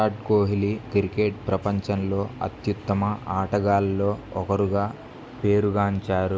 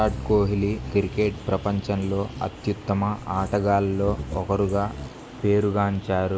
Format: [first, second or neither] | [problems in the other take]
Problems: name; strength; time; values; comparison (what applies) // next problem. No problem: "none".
first | background sound (Bird vocalization, bird call, bird song); 13 dB below the speech